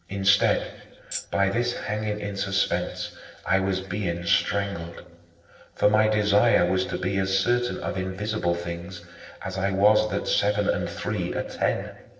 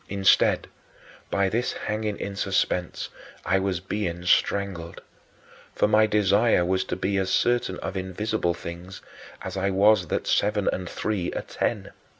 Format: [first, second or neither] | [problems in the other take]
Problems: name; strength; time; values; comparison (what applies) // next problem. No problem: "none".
second | noise reduction (neural separator model SepFormer DNS4)